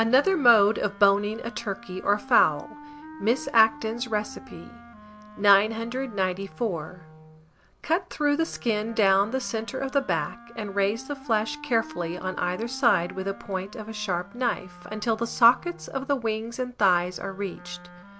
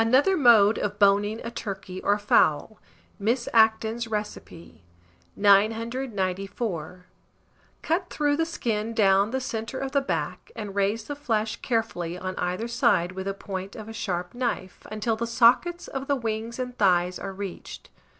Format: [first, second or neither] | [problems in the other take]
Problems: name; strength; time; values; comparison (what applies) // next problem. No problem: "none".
second | background sound (Wind instrument, woodwind instrument); 19 dB below the speech